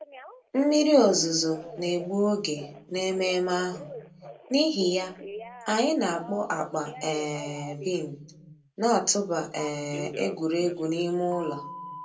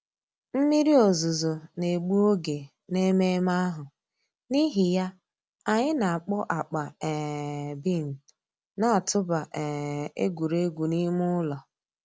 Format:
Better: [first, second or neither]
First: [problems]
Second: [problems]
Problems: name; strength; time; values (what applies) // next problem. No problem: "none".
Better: second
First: background sound (Telephone); 16 dB below the speech // room echo; dies away in 0.2 s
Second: none